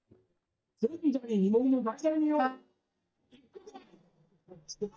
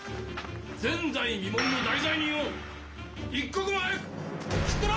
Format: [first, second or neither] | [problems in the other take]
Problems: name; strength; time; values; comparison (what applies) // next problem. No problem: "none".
second | noise reduction (neural mask model DeepFilterNet 3)